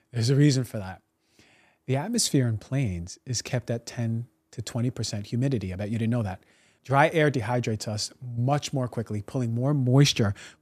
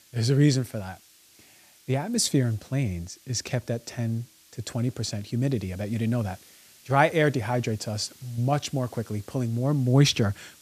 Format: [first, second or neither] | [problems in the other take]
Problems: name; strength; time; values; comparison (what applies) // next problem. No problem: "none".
first | hiss; faint; throughout; 25 dB below the speech